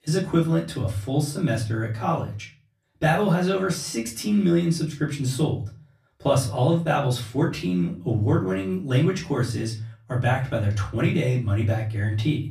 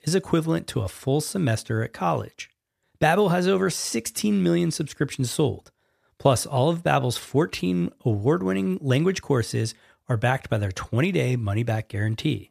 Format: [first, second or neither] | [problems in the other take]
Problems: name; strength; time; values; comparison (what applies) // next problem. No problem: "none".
second | off-mic speech; far // room echo; very slight; dies away in 0.4 s